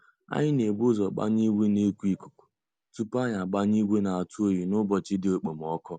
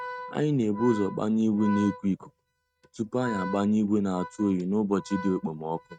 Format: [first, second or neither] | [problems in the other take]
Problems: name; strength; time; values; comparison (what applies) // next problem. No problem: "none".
first | noise reduction (neural mask model RNNoise)